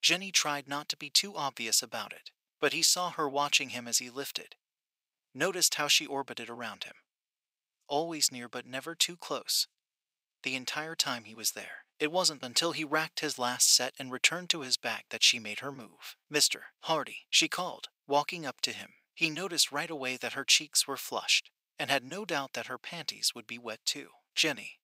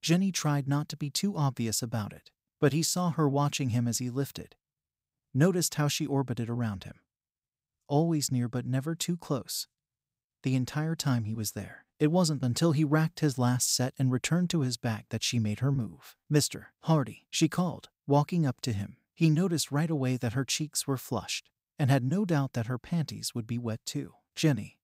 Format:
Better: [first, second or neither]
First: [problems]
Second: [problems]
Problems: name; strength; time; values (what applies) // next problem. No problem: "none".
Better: second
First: thin; very; fading below 550 Hz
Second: none